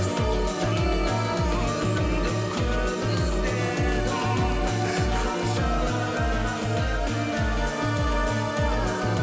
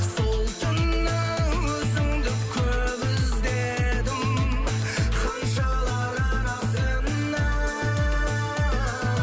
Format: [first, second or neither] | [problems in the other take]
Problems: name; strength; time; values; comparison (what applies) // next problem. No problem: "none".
second | background sound (Organ); 3 dB below the speech